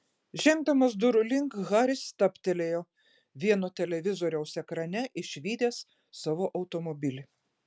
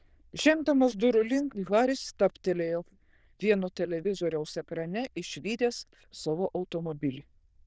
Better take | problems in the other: first | noise reduction (neural diffusion model UNIVERSE++)

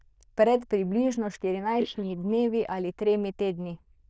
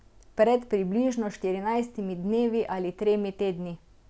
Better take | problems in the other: second | noise reduction (neural diffusion model UNIVERSE++)

